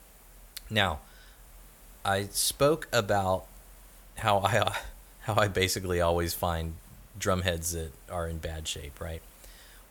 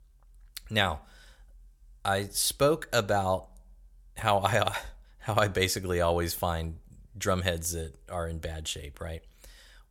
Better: second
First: hiss; faint; throughout; 25 dB below the speech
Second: none

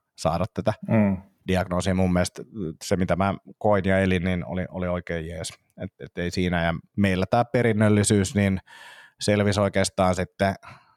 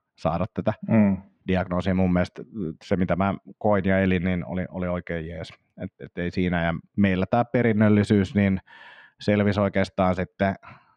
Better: first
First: none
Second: muffled; slightly; fading above 2.5 kHz

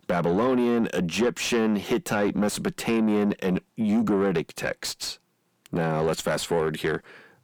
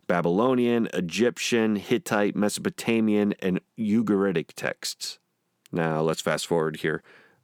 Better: second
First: distortion; slight; 10 dB below the speech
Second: none

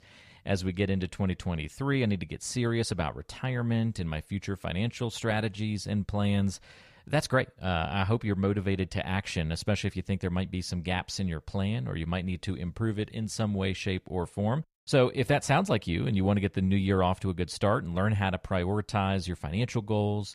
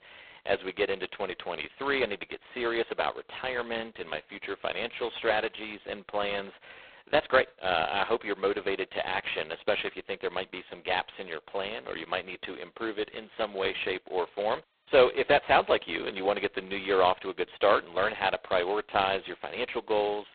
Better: first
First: none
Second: phone-call audio; poor line; nothing above 4 kHz

